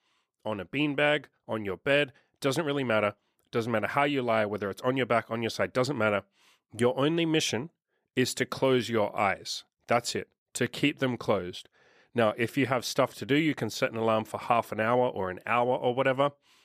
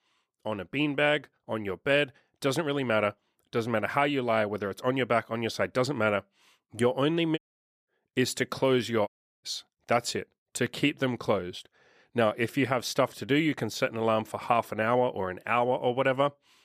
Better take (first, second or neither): first